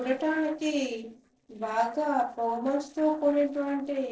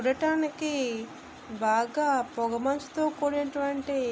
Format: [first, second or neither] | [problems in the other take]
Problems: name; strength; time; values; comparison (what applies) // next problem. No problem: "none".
second | noise reduction (neural separator model SepFormer DNS4)